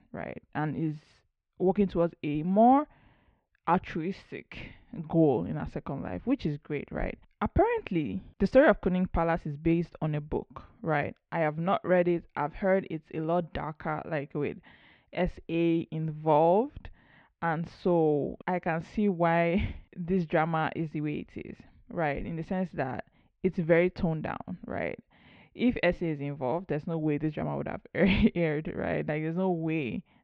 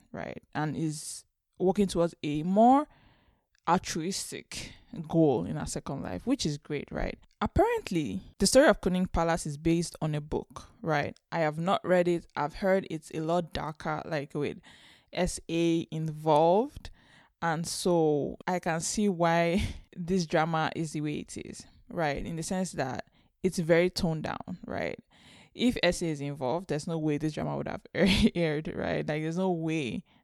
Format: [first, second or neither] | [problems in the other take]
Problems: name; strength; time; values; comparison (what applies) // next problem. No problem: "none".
second | muffled; very; fading above 2.5 kHz